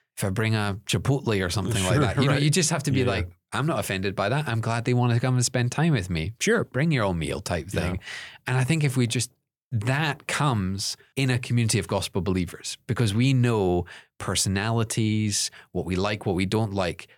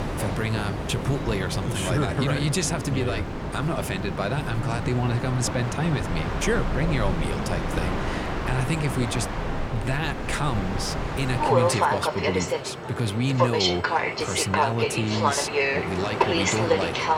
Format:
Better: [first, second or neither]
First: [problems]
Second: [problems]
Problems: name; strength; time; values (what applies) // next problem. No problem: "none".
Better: first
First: none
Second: train or aircraft noise; very loud; throughout; as loud as the speech